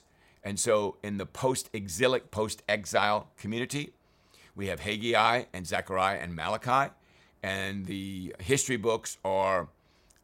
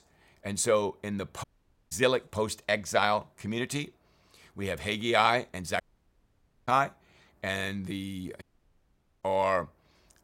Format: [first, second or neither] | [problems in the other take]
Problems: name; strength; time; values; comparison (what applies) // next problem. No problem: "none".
first | audio cutting out; at 1.5 s, at 6 s for 1 s and at 8.5 s for 1 s